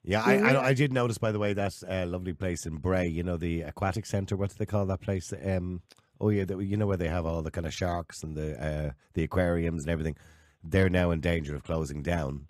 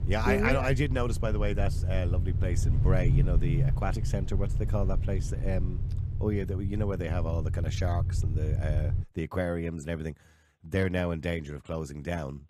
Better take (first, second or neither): first